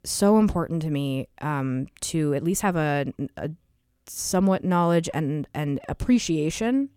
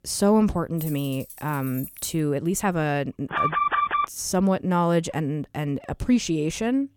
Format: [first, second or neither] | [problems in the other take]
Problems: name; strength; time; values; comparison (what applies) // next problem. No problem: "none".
first | jangling keys; faint; from 1 to 2 s; peak 10 dB below the speech // alarm; loud; at 3.5 s; peak 2 dB above the speech